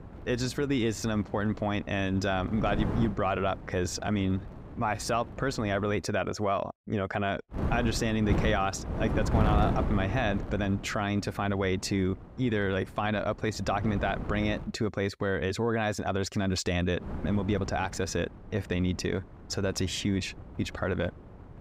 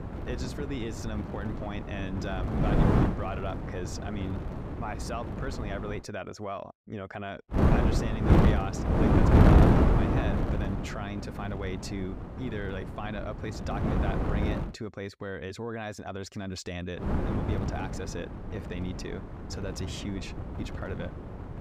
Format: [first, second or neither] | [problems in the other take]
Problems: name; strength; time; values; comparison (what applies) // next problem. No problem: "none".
first | wind noise on the microphone; heavy; until 6 s, from 7.5 to 15 s and from 17 s on; 5 dB above the speech; occasional gusts in the first